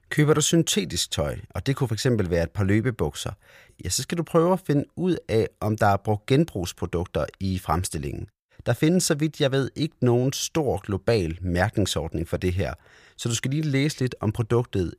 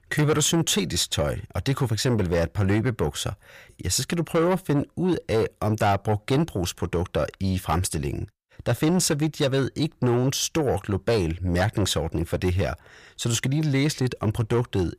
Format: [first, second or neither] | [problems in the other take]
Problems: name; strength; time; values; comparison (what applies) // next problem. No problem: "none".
first | distortion; slight; 10 dB below the speech